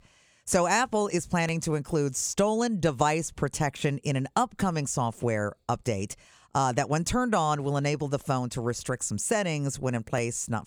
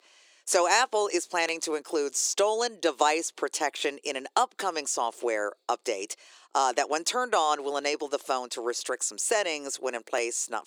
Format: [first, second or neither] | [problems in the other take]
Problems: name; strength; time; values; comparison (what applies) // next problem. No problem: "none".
first | thin; very; fading below 350 Hz